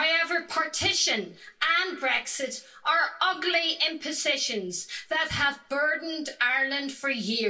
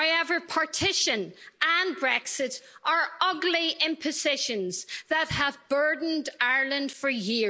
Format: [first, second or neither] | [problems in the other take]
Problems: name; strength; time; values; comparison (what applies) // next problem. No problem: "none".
second | room echo; dies away in 0.2 s